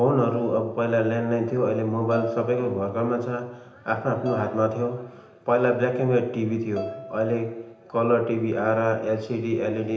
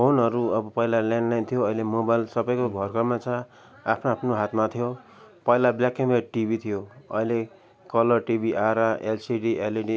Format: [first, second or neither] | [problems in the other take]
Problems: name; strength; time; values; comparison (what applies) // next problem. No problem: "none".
second | background sound (Bowed string instrument); 16 dB below the speech // room echo; dies away in 0.8 s